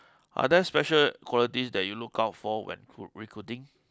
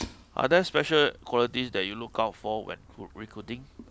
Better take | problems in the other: first | background sound (Fire); 19 dB below the speech

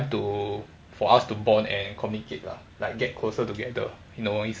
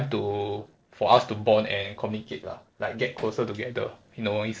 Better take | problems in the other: first | noise reduction (neural separator model SepFormer DNS4)

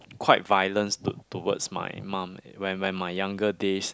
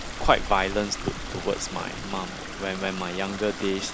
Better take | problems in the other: first | background sound (Stream); 6 dB below the speech

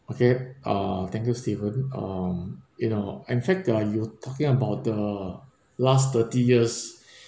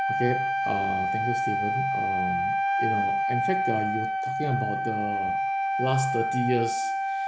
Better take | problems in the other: first | background sound (Wind instrument, woodwind instrument); 4 dB above the speech

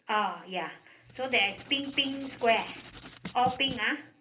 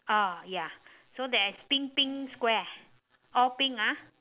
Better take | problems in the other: second | background sound (Writing); 15 dB below the speech // room echo; dies away in 0.3 s

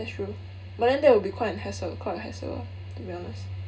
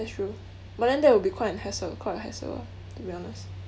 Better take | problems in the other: second | room echo; dies away in 0.2 s

